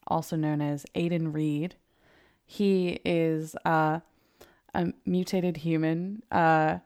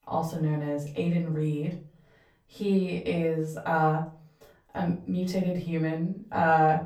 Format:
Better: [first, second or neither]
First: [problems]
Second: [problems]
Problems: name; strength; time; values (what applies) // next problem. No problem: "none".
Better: first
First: none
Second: off-mic speech; far // room echo; slight; dies away in 0.3 s